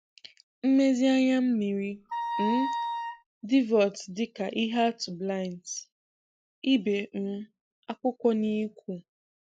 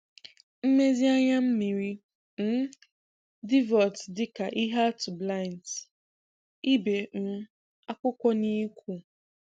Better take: second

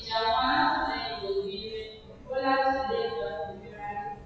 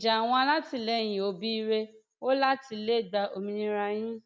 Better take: second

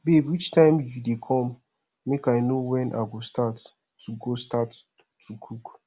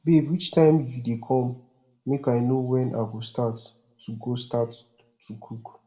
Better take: first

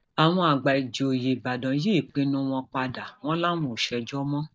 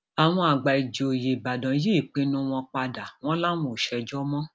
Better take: second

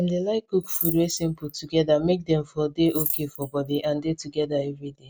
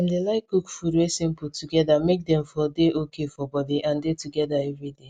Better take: second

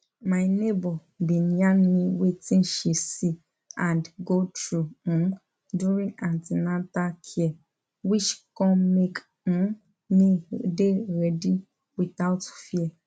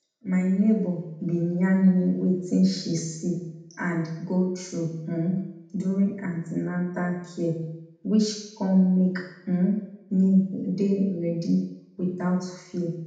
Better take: first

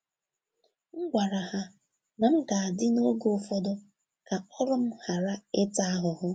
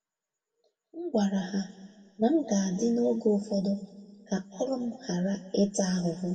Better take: first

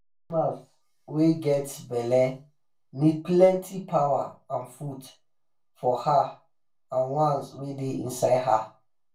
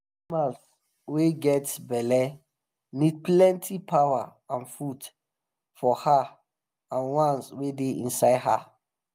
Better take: second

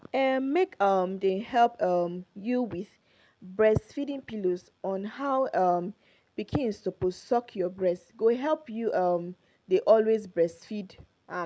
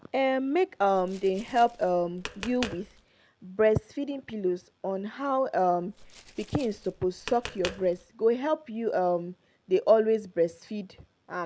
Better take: first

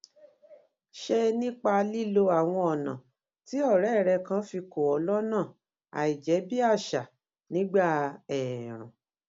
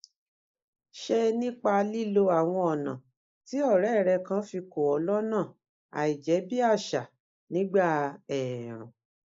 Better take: first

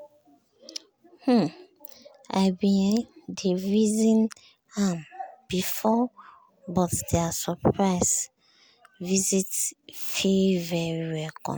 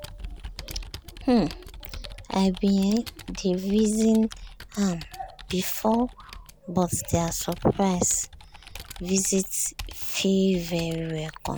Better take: first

